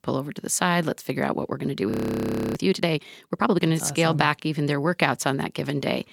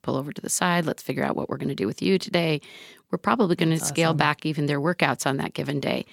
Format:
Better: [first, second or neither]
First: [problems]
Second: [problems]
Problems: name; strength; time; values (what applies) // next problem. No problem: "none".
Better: second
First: audio freezing; at 2 s for 0.5 s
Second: none